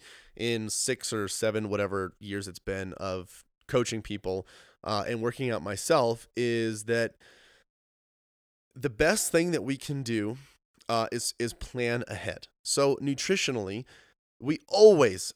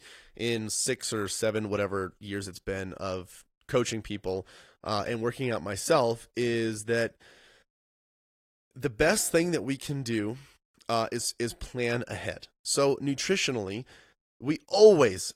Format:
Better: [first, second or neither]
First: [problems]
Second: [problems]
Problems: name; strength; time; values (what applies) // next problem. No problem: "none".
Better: first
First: none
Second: garbled, watery; slightly; nothing above 14.5 kHz